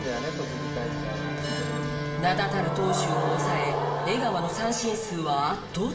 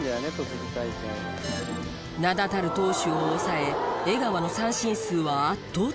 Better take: second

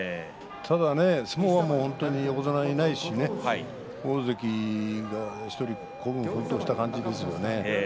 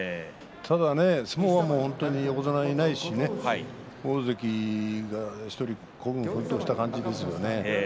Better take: second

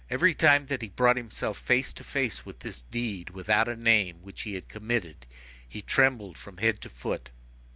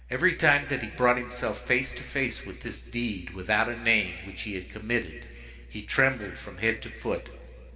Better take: first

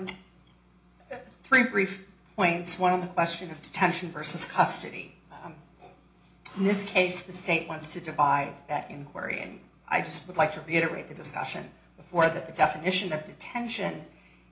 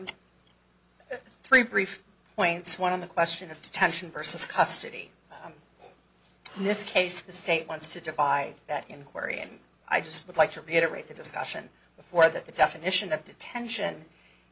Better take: second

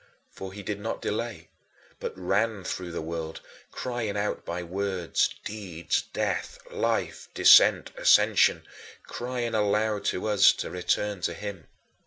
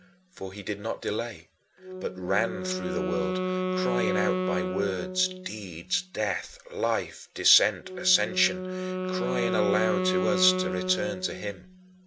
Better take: first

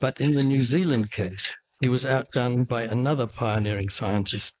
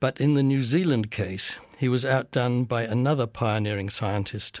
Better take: second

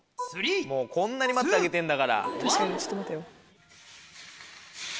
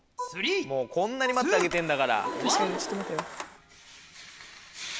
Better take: first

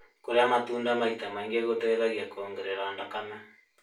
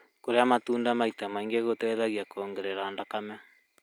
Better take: second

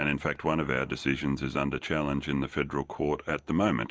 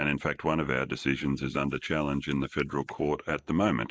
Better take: first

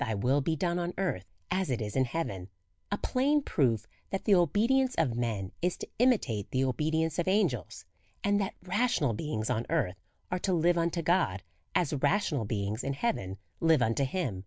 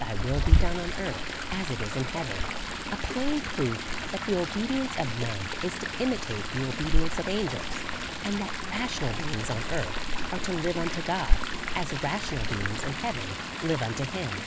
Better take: first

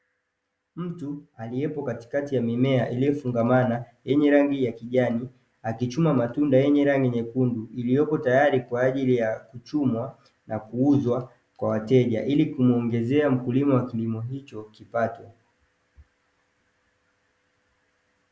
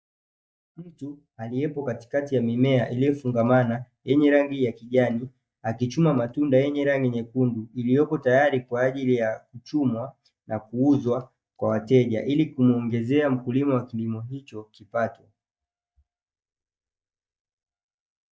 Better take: first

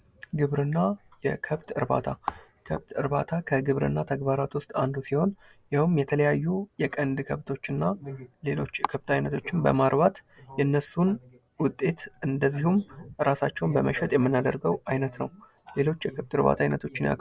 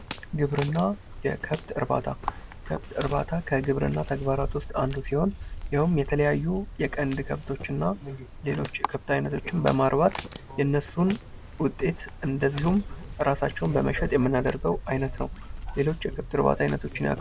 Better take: first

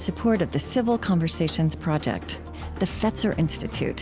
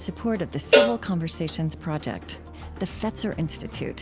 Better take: first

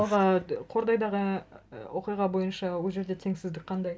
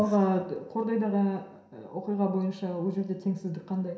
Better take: first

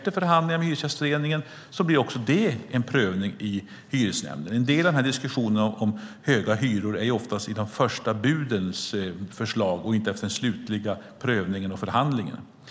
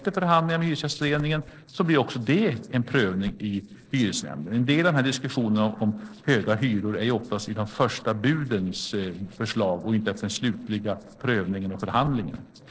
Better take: first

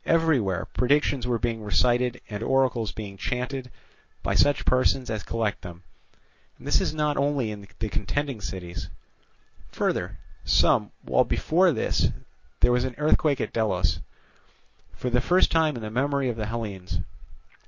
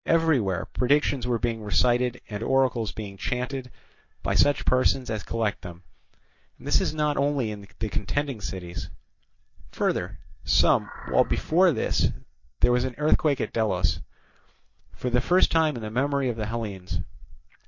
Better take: first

